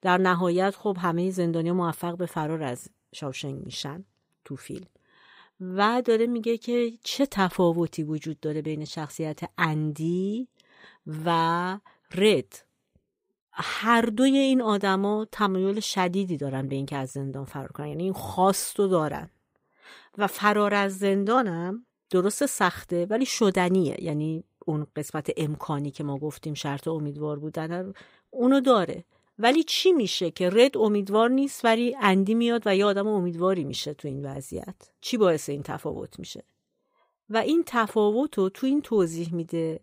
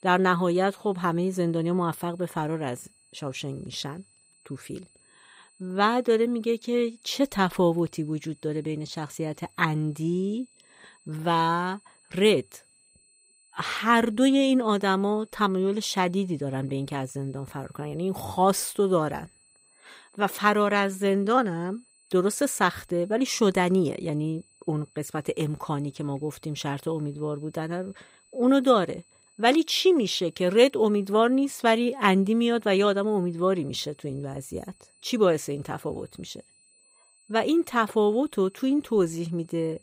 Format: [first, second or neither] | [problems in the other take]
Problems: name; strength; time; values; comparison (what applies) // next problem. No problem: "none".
first | high-pitched whine; faint; throughout; 8 kHz, 35 dB below the speech